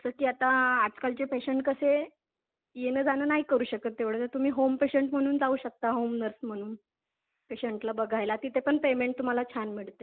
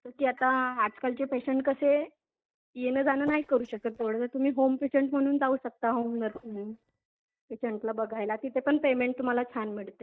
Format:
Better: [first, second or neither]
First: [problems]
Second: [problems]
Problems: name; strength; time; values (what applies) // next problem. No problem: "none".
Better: first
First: none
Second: noise reduction (neural mask model DeepFilterNet 3)